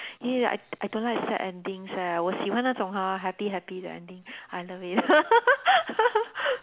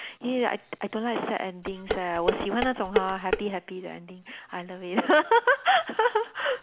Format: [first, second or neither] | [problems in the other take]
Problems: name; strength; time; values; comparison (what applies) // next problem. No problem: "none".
first | background sound (Dishes, pots, and pans); 3 dB below the speech